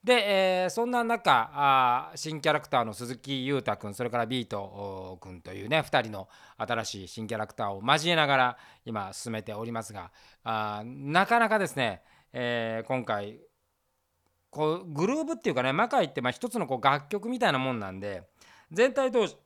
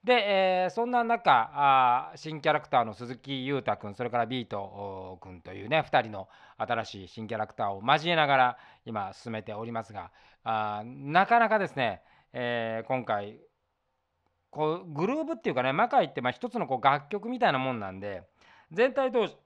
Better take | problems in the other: first | muffled; slightly; fading above 3 kHz

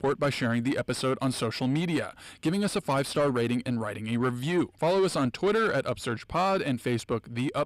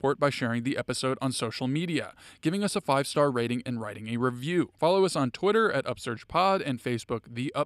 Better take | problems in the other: second | distortion; slight; 10 dB below the speech

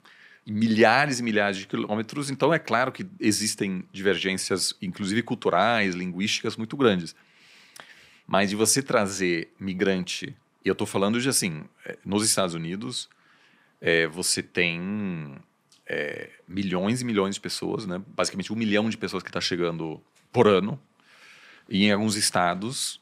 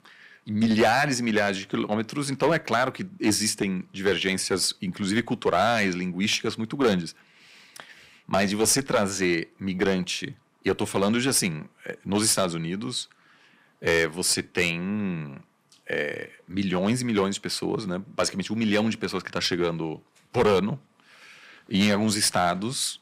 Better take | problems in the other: first | distortion; slight; 3% of the sound clipped

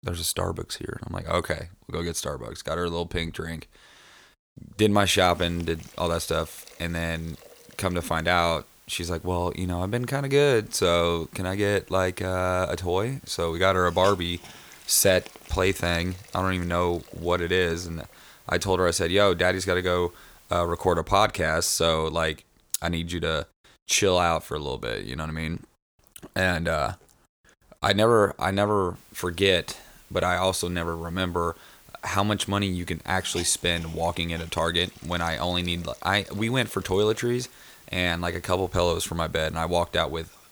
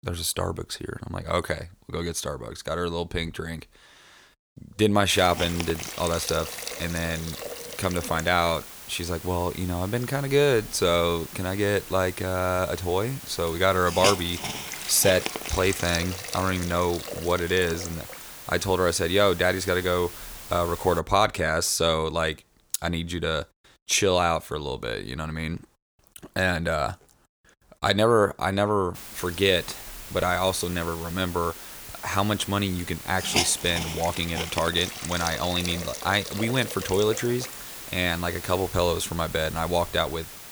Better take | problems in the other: first | hiss; loud; from 5 to 21 s and from 29 s on; 9 dB below the speech; faint in the first

